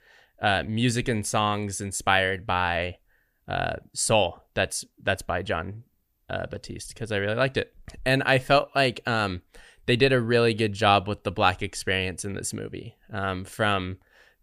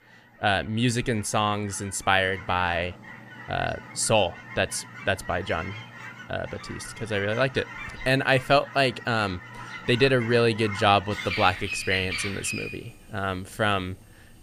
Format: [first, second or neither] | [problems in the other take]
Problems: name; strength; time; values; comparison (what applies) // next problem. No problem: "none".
first | animal sounds; noticeable; throughout; 10 dB below the speech